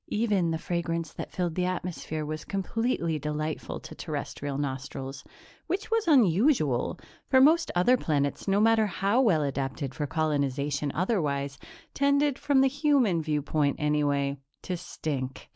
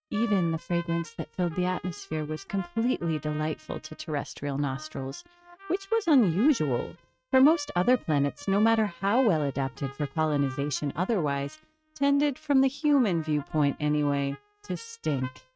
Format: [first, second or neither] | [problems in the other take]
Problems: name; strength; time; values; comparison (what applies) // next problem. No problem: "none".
first | noise reduction (neural mask model RNNoise)